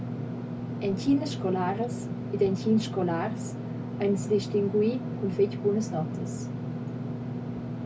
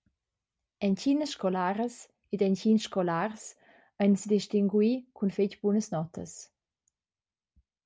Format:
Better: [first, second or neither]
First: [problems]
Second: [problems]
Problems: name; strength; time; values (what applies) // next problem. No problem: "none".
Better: second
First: background sound (Engine / Mechanisms); 4 dB below the speech // room echo; dies away in 0.1 s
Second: none